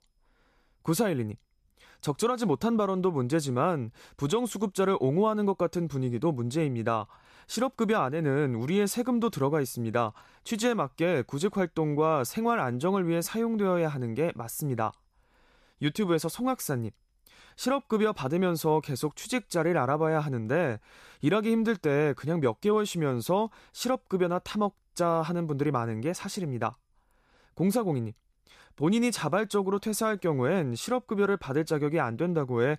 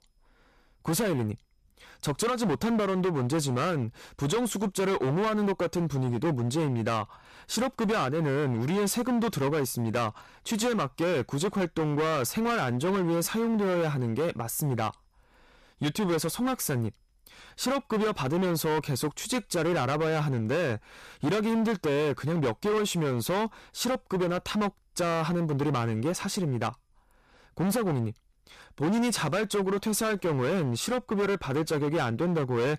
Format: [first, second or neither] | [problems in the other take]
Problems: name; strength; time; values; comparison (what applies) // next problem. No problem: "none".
first | distortion; heavy; 20% of the sound clipped